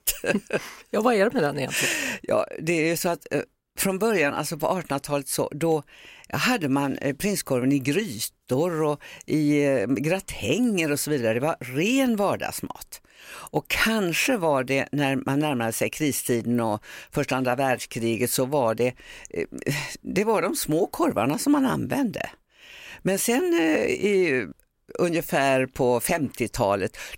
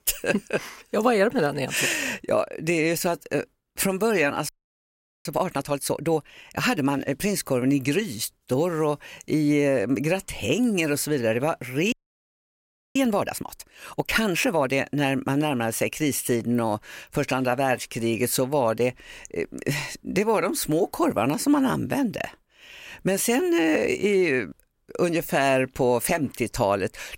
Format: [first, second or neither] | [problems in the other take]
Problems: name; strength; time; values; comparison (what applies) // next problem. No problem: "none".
first | audio freezing; at 4.5 s for 1 s and at 12 s for 1 s